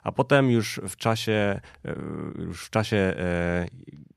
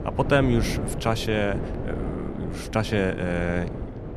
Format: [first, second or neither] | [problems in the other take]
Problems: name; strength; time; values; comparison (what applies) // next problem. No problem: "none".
first | wind noise on the microphone; occasional gusts; 10 dB below the speech